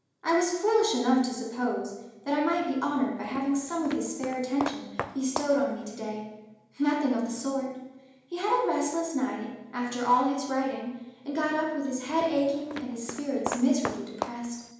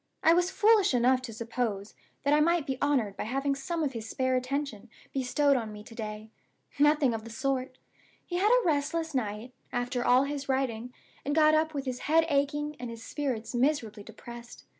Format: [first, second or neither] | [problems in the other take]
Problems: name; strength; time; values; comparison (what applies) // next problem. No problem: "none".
second | background sound (Walk, footsteps); 10 dB below the speech // room echo; dies away in 1 s